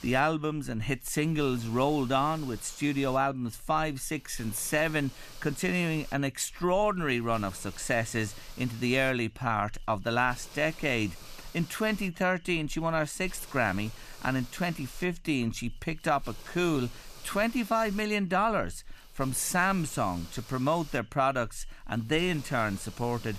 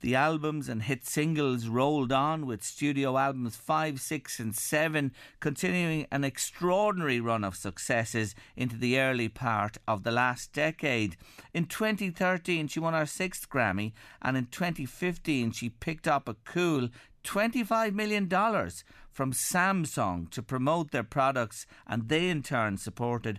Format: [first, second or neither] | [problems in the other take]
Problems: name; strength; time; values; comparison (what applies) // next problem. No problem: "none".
second | hiss; noticeable; throughout; 20 dB below the speech